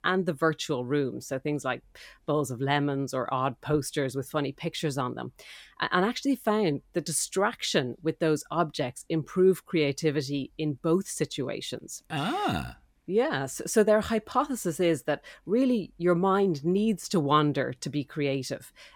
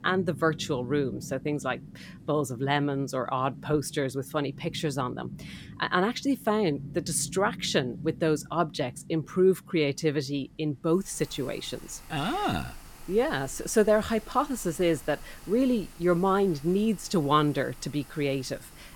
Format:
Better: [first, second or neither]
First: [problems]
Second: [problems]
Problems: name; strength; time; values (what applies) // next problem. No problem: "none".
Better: first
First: none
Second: rain or running water; noticeable; throughout; 15 dB below the speech